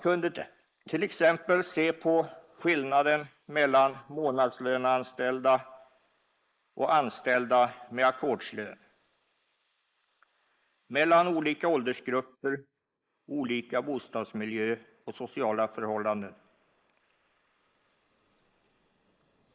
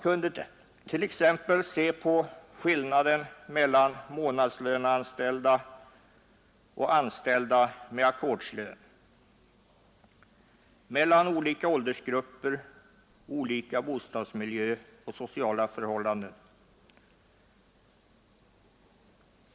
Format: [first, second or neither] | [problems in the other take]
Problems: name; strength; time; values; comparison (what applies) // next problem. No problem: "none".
second | noise reduction (neural mask model Resemble Enhance denoiser)